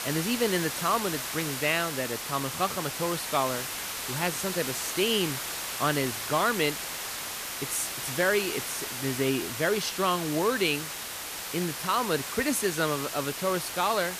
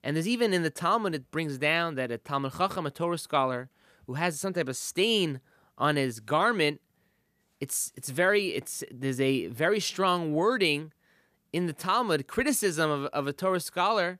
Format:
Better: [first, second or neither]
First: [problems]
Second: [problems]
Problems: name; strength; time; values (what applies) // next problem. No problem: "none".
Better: second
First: hiss; loud; throughout; 4 dB below the speech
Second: none